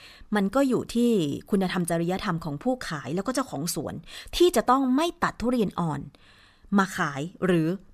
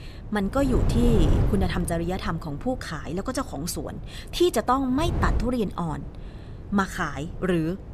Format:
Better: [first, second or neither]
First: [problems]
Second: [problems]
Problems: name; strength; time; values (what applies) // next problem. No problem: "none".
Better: first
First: none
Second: wind noise on the microphone; occasional gusts; 10 dB below the speech